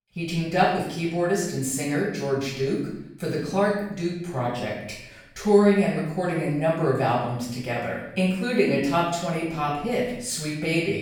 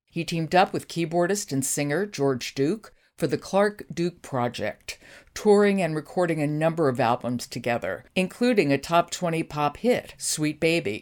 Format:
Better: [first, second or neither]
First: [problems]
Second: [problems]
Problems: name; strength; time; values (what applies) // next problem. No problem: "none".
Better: second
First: off-mic speech; far // room echo; noticeable; dies away in 0.8 s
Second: none